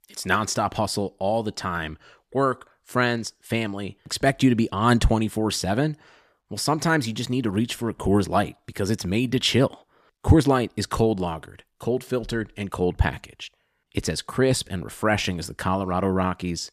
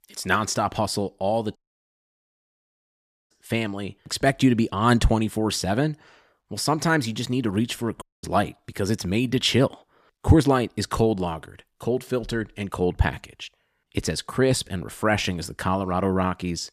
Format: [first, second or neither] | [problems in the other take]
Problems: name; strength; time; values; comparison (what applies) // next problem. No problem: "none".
first | audio cutting out; at 1.5 s for 1.5 s and at 8 s